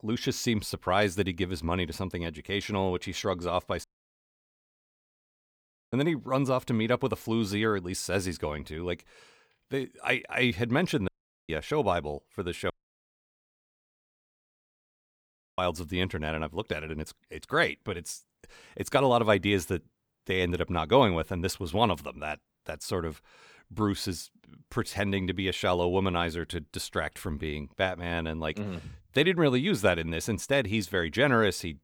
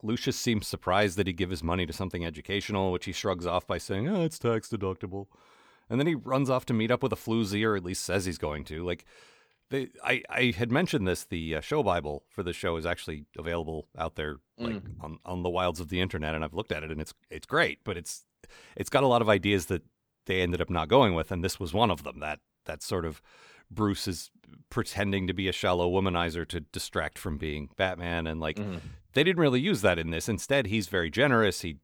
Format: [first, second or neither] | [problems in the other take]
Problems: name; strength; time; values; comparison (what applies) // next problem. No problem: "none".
second | audio cutting out; at 4 s for 2 s, at 11 s and at 13 s for 3 s